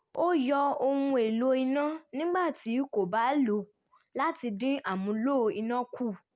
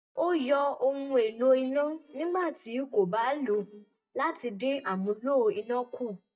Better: first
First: none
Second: noise reduction (neural mask model DeepFilterNet 3)

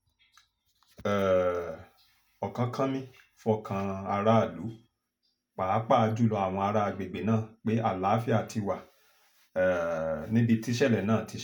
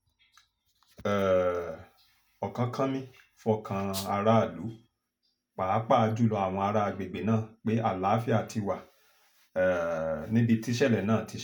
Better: first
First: none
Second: background sound (Rattle (instrument)); 10 dB below the speech

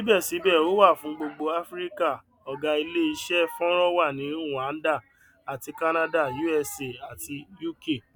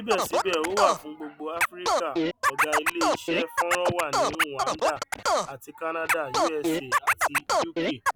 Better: first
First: none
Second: background sound (Scratching (performance technique)); 4 dB above the speech

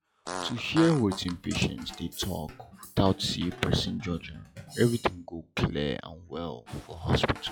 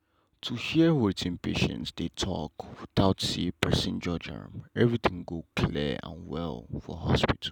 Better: second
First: noise reduction (classical method log-MMSE)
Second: none

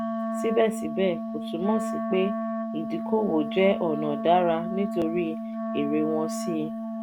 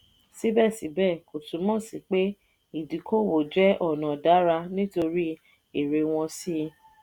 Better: second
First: background sound (Wind instrument, woodwind instrument); 4 dB below the speech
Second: none

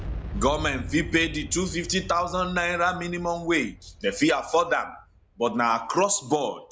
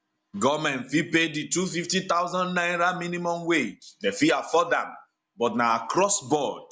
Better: second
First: background sound (Boom); 13 dB below the speech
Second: none

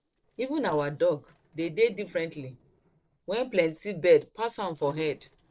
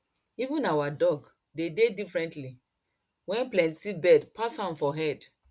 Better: second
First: noise reduction (neural separator model SepFormer DNS4)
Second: none

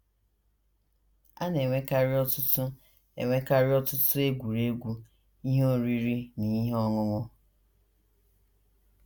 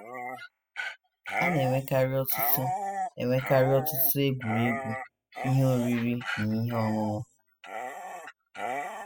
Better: first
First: none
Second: noise reduction (classical method spectral subtraction)

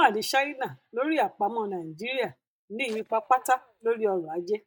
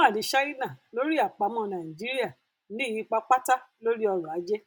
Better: second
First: noise reduction (neural mask model DeepFilterNet 3)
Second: none

